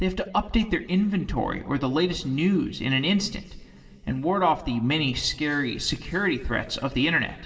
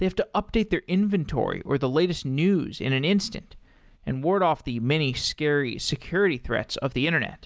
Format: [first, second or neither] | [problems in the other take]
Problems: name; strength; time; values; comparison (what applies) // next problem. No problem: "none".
second | room echo; dies away in 2.4 s